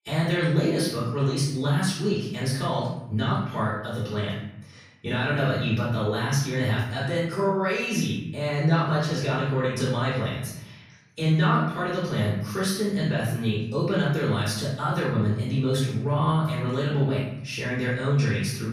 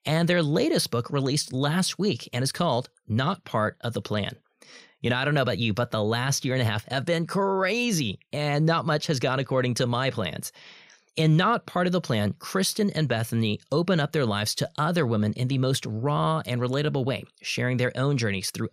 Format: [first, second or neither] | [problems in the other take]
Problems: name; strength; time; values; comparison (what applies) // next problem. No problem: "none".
second | room echo; noticeable; dies away in 0.8 s // off-mic speech; far